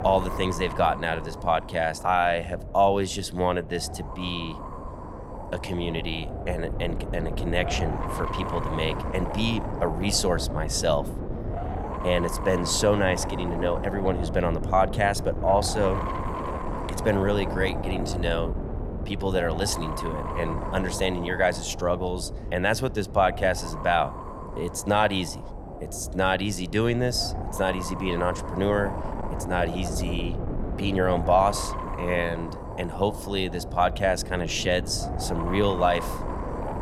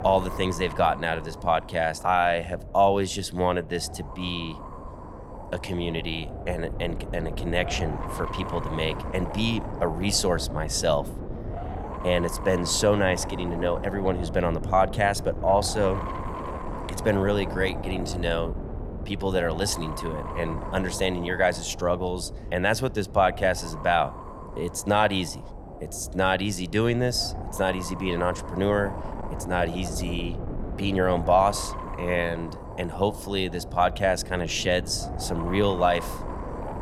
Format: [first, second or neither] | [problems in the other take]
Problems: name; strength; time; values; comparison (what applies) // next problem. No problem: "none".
second | wind noise on the microphone; heavy; 9 dB below the speech; occasional gusts in the second